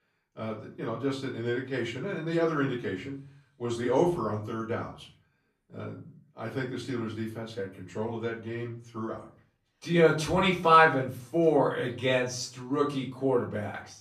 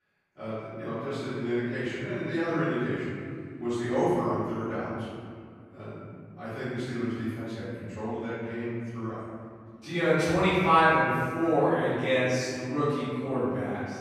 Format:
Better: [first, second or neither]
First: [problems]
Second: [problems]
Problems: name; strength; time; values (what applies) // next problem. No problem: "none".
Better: first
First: room echo; slight; dies away in 0.4 s // off-mic speech; far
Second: room echo; strong; dies away in 2.2 s // off-mic speech; far